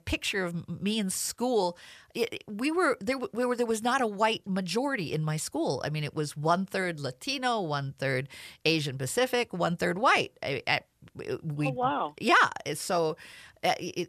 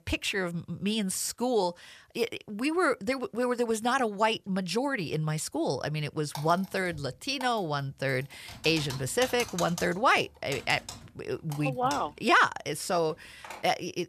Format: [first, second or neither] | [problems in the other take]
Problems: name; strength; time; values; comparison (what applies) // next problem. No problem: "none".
first | keyboard typing; noticeable; from 6.5 s on; peak 7 dB below the speech